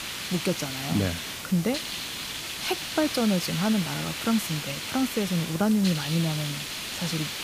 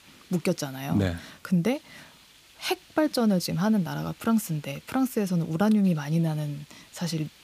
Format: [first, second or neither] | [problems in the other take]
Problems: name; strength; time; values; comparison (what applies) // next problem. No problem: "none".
second | hiss; loud; throughout; 4 dB below the speech; faint in the second